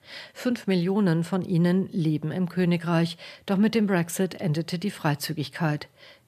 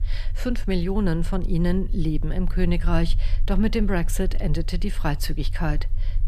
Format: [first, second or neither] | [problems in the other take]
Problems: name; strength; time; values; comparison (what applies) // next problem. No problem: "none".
first | low rumble; faint; throughout; 20 dB below the speech